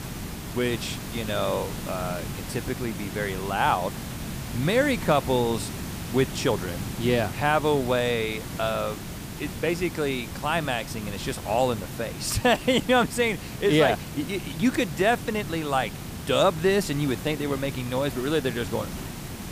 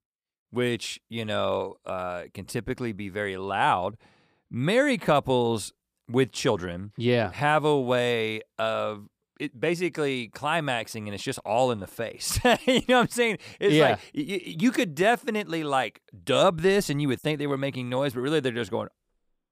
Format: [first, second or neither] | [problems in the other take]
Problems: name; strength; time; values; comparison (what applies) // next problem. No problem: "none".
second | hiss; loud; throughout; 9 dB below the speech